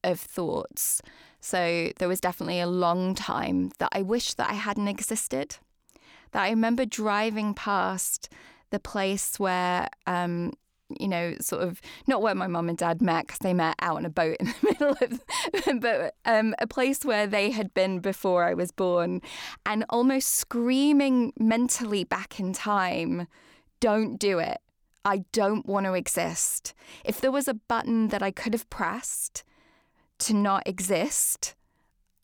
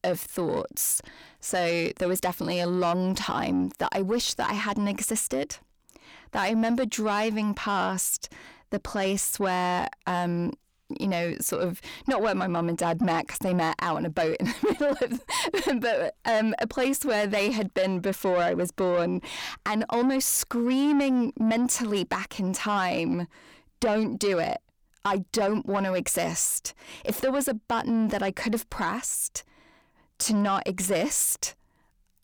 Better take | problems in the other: first | distortion; slight; 10 dB below the speech

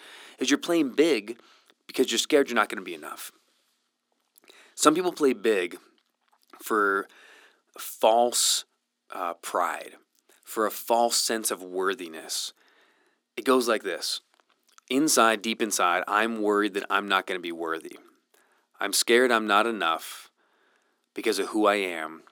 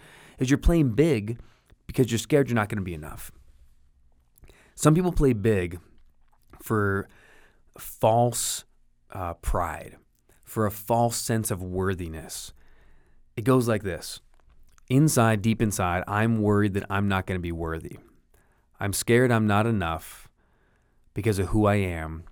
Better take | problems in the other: second | thin; somewhat; fading below 250 Hz

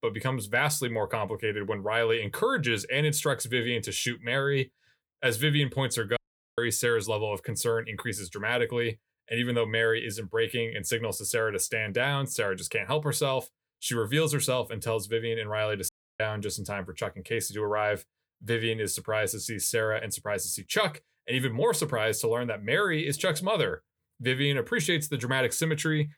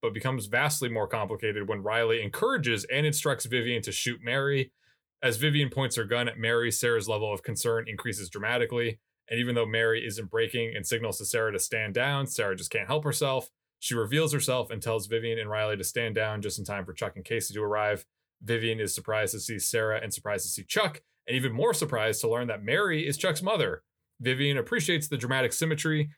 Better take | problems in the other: second | audio cutting out; at 6 s and at 16 s

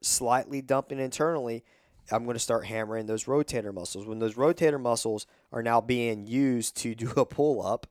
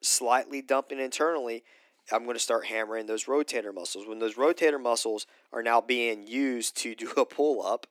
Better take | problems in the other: first | thin; very slightly; fading below 250 Hz

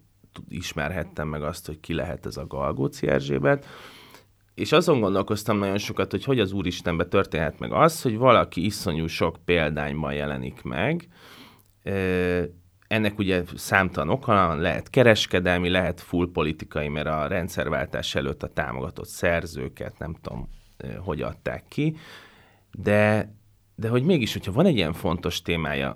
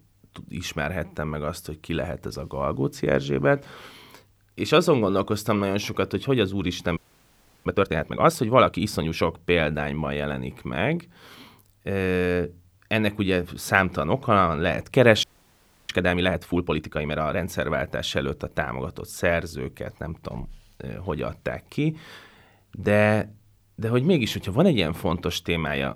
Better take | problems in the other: first | audio freezing; at 7 s for 0.5 s and at 15 s for 0.5 s

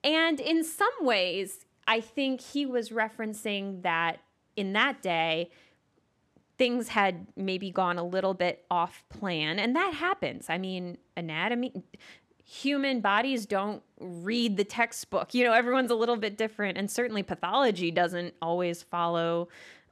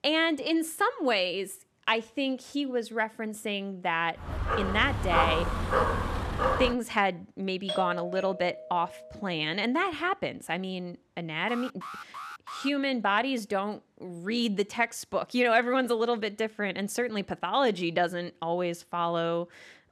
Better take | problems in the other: first | dog barking; loud; from 4 to 6.5 s; peak 3 dB above the speech // doorbell; noticeable; from 7.5 to 9 s; peak 4 dB below the speech // alarm; faint; from 11 to 13 s; peak 10 dB below the speech

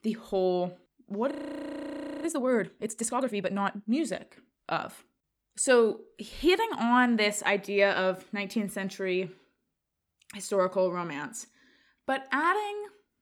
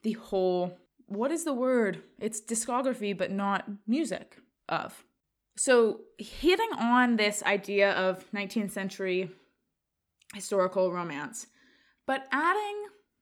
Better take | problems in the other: second | audio freezing; at 1.5 s for 1 s

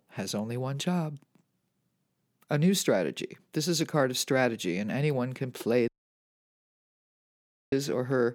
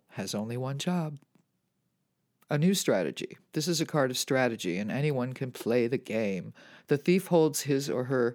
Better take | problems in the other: second | audio cutting out; at 6 s for 2 s

